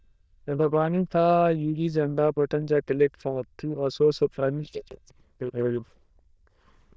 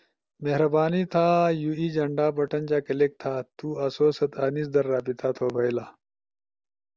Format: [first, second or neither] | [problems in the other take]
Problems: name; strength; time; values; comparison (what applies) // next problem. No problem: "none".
second | noise reduction (neural diffusion model UNIVERSE++)